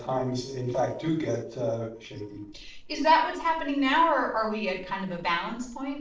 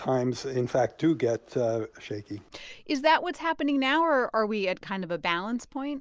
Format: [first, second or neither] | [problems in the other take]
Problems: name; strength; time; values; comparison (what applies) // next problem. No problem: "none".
second | noise reduction (neural separator model SepFormer DNS4)